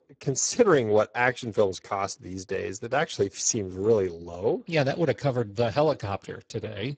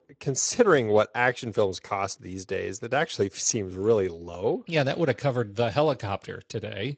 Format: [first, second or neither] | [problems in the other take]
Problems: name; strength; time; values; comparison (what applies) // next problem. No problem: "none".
second | garbled, watery; badly; slightly in the second